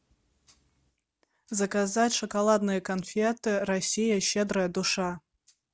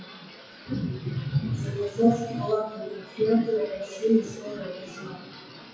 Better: first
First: none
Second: noise reduction (classical method WPE with log-MMSE)

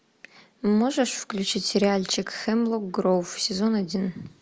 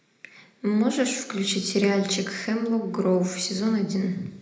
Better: first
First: none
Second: room echo; dies away in 0.8 s

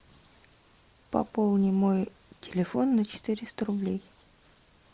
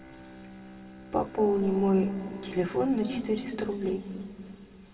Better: first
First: none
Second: background sound (Bowed string instrument); 19 dB below the speech // room echo; dies away in 2.4 s

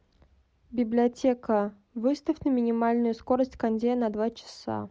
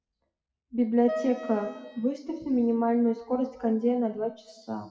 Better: first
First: none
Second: noise reduction (classical method WPE with log-MMSE)

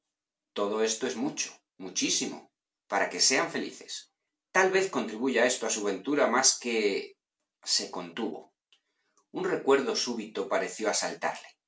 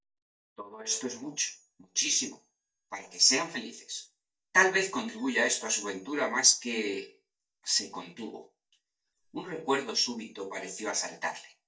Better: first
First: none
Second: noise reduction (neural mask model DeepFilterNet 3)

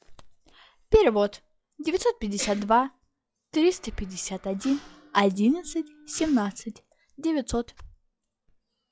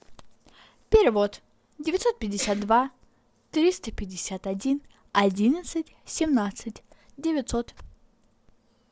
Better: second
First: noise reduction (classical method log-MMSE)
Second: none

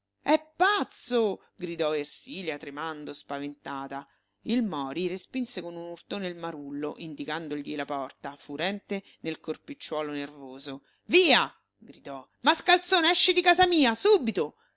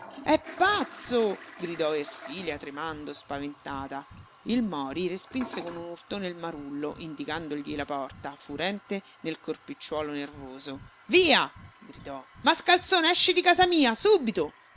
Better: first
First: none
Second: background sound (Breathing + Toilet flush); 19 dB below the speech

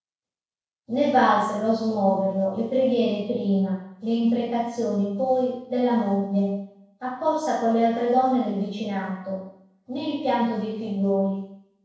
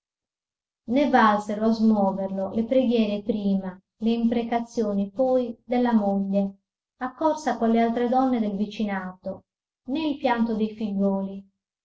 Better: second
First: room echo; dies away in 0.7 s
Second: none

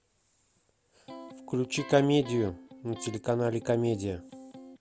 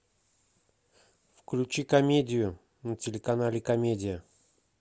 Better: second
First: background sound (Electric guitar); 16 dB below the speech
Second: none

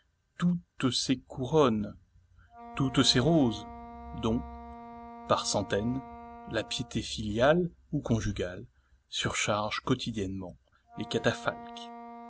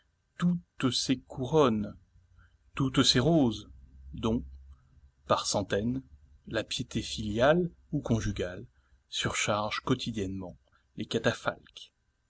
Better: second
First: background sound (Wind instrument, woodwind instrument); 18 dB below the speech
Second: none

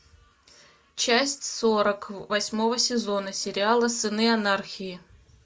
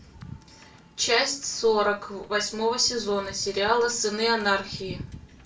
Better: first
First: none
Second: background sound (Wind / Boat, Water vehicle); 19 dB below the speech // room echo; dies away in 0.3 s

